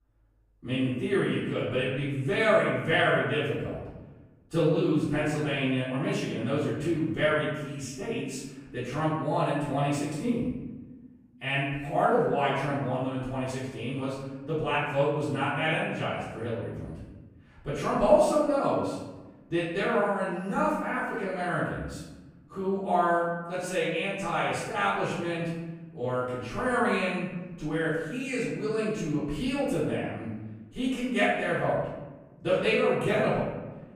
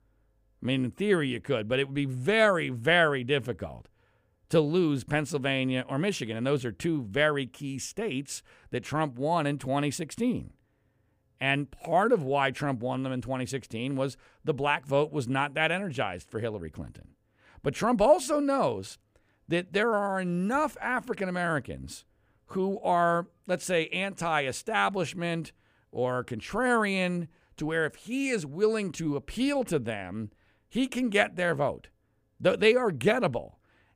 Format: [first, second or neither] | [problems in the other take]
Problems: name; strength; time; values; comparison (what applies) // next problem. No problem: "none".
second | off-mic speech; far // room echo; noticeable; dies away in 1.1 s